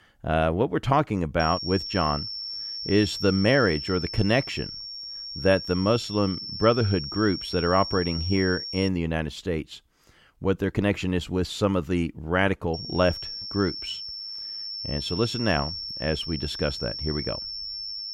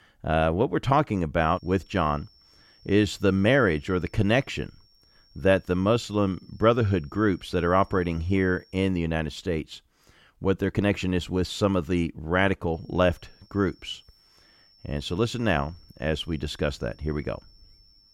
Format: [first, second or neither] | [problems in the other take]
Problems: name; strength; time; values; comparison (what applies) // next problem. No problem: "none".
second | high-pitched whine; loud; from 1.5 to 9 s and from 13 s on; 5.5 kHz, 7 dB below the speech; faint in the second